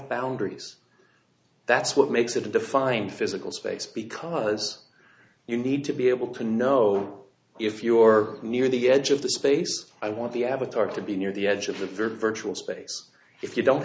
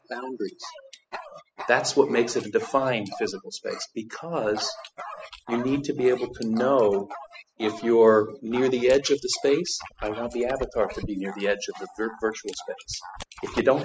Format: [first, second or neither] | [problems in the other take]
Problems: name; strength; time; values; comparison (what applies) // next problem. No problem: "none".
first | noise reduction (classical method spectral subtraction)